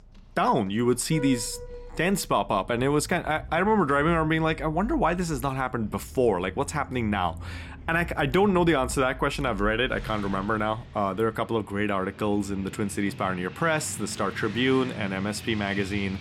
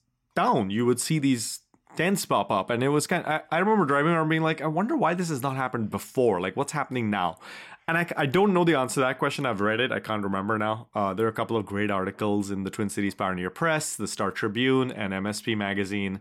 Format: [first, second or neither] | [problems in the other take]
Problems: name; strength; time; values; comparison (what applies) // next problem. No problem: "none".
second | traffic noise; noticeable; throughout; 15 dB below the speech